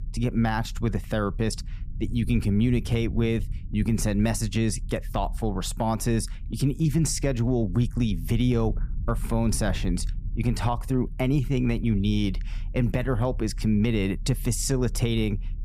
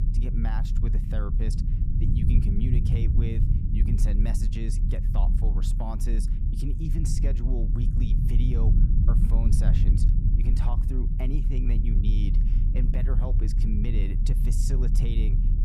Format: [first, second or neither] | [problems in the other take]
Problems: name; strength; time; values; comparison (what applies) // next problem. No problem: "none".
first | low rumble; loud; throughout; 1 dB below the speech; faint in the first